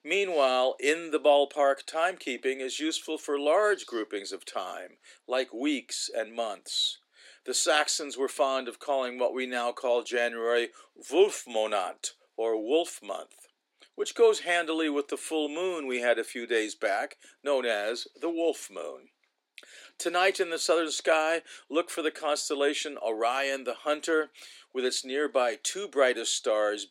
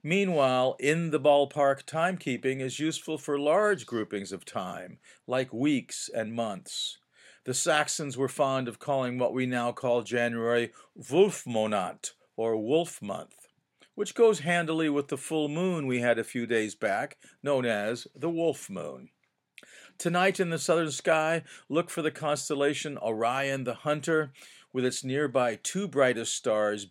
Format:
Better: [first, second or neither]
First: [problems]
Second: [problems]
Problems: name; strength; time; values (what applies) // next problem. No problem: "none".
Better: second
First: thin; somewhat; fading below 300 Hz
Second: none